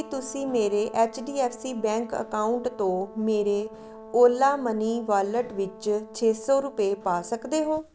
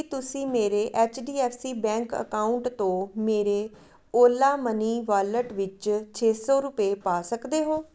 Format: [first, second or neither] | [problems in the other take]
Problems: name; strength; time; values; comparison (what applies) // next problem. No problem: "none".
second | background sound (Brass instrument); 18 dB below the speech